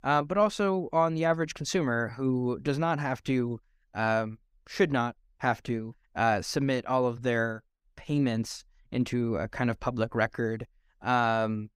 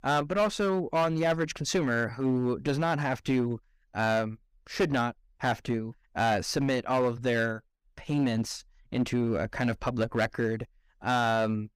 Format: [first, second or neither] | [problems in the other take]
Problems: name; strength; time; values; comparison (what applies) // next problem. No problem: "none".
first | distortion; slight; 7% of the sound clipped